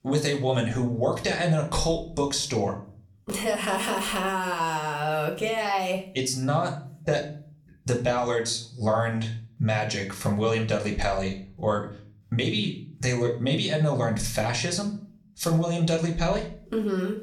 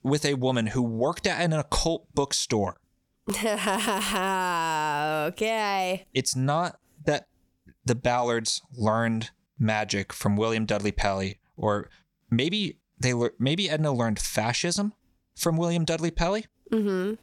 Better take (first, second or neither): second